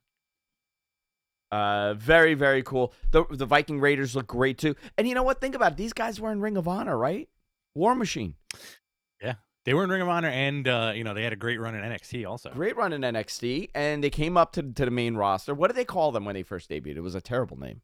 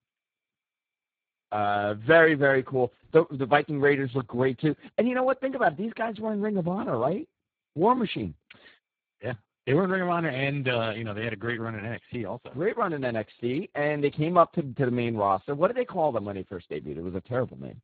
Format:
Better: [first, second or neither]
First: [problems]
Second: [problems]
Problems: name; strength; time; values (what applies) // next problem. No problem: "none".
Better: first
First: none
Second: garbled, watery; badly